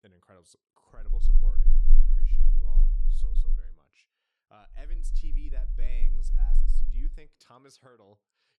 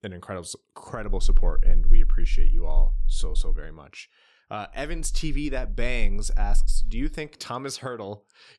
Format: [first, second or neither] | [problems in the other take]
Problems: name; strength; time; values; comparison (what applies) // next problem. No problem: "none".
second | low rumble; loud; from 1 to 3.5 s and from 5 to 7 s; 2 dB below the speech; faint in the second